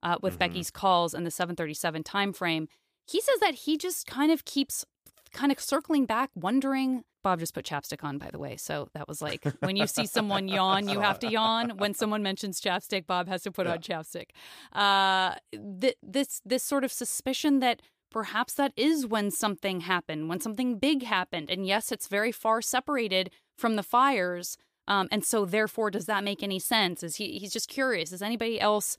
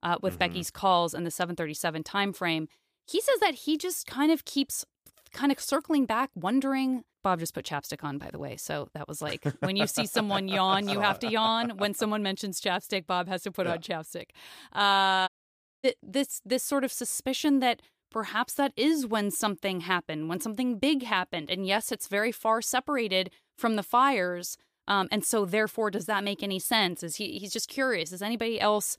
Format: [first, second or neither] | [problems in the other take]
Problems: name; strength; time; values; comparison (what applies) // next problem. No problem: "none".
first | audio cutting out; at 15 s for 0.5 s